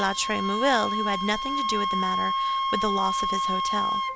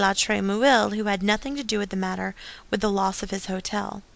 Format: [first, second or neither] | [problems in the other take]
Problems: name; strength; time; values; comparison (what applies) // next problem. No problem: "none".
second | background sound (Wind instrument, woodwind instrument); 2 dB above the speech